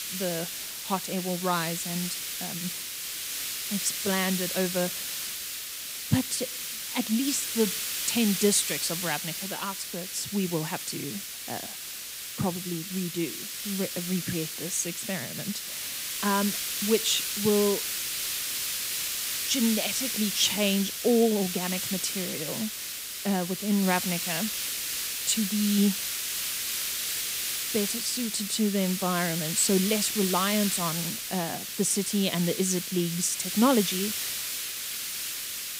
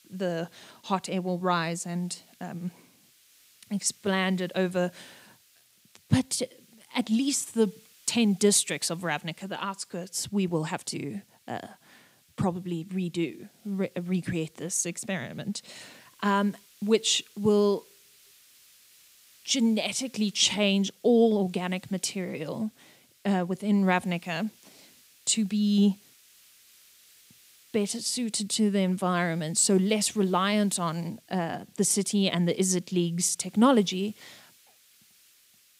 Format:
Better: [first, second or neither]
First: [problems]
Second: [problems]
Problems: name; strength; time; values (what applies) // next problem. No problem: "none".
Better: second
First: hiss; loud; throughout; 2 dB below the speech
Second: hiss; faint; throughout; 30 dB below the speech